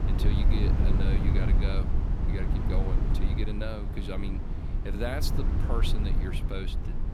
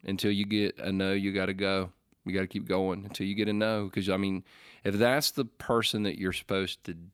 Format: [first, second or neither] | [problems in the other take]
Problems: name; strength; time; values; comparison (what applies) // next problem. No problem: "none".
second | low rumble; loud; throughout; 2 dB below the speech